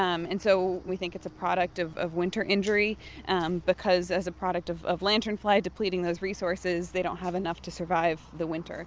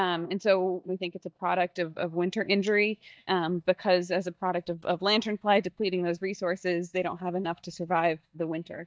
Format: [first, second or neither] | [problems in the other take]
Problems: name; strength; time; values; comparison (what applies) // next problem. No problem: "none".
first | noise reduction (neural mask model DeepFilterNet 3)